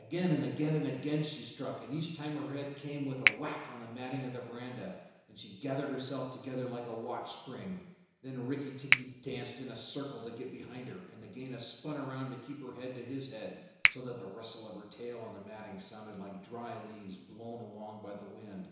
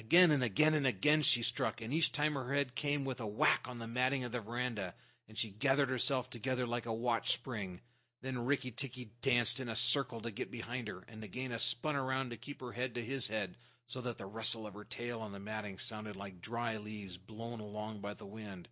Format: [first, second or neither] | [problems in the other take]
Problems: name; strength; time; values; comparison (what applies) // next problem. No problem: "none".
second | background sound (Finger snapping); 2 dB above the speech // room echo; dies away in 1 s